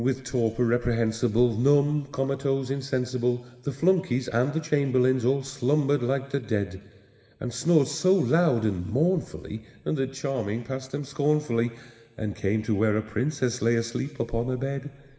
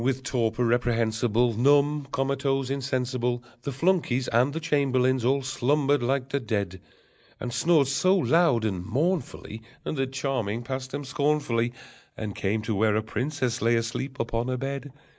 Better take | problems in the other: second | room echo; dies away in 1.4 s

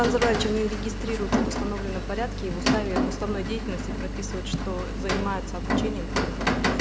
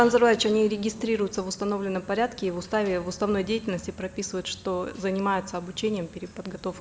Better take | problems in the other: second | background sound (Rain); 3 dB above the speech

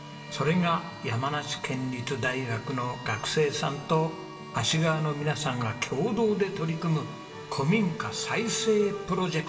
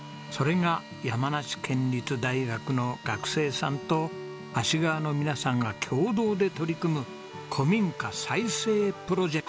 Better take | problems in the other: second | room echo; dies away in 1.2 s

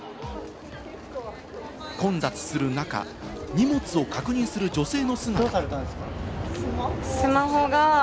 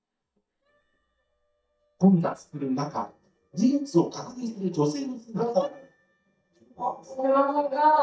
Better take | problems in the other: first | noise reduction (neural mask model DeepFilterNet 3)

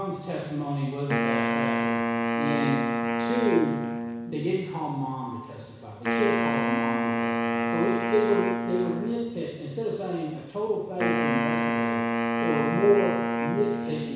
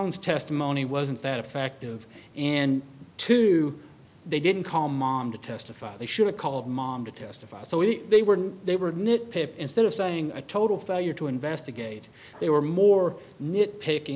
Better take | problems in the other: second | background sound (Wind instrument, woodwind instrument); 1 dB above the speech // room echo; dies away in 1.1 s

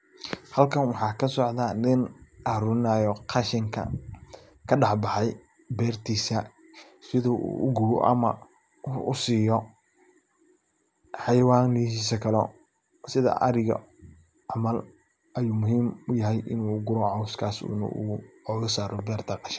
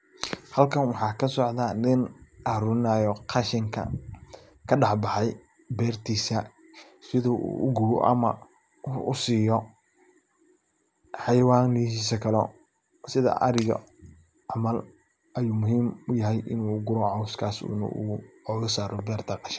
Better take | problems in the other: first | background sound (Shatter); 15 dB below the speech

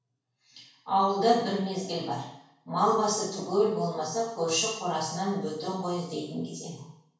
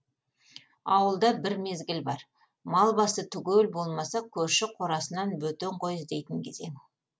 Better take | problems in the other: second | room echo; dies away in 0.7 s

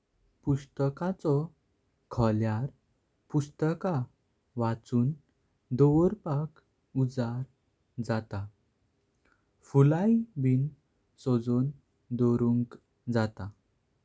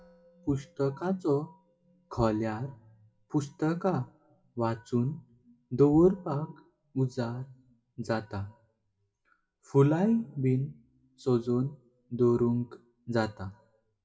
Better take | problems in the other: first | noise reduction (classical method WPE with log-MMSE)

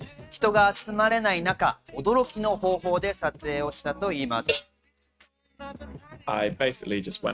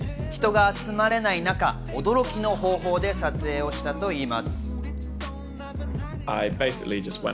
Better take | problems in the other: second | noise reduction (neural mask model RNNoise)

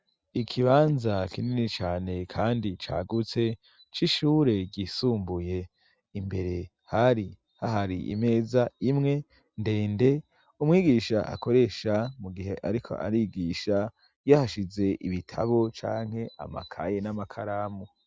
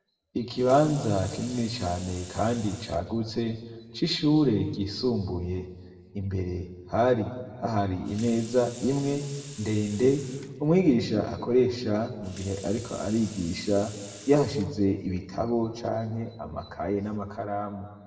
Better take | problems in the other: first | background sound (Sink (filling or washing) / Water tap, faucet); 19 dB below the speech // room echo; dies away in 1.3 s

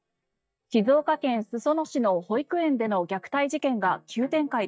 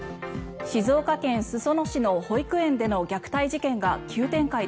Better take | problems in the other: second | noise reduction (neural mask model DeepFilterNet 3)

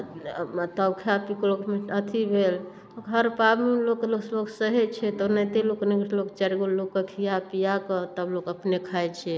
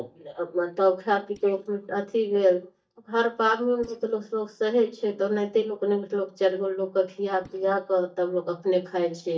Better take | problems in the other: first | noise reduction (neural mask model DeepFilterNet 3)

